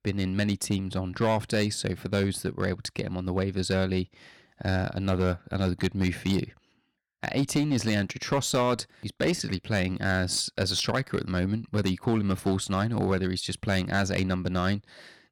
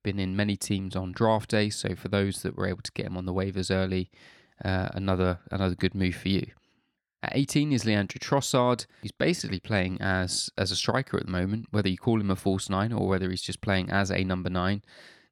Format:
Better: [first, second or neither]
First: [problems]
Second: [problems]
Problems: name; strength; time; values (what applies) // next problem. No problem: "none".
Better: second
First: distortion; slight; 5% of the sound clipped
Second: none